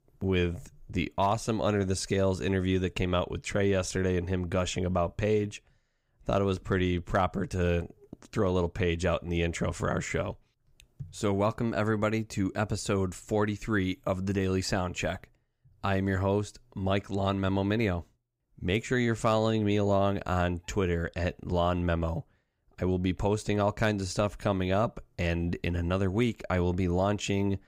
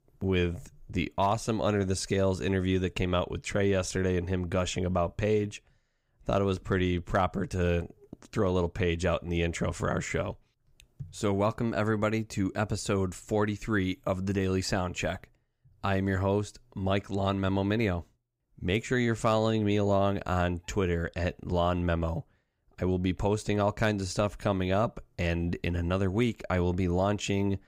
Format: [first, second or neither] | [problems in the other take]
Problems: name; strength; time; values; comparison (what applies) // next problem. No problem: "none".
neither | none